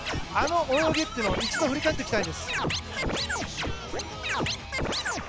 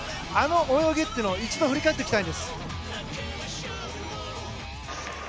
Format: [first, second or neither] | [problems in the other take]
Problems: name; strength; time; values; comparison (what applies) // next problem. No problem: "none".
second | background sound (Scratching (performance technique)); 2 dB below the speech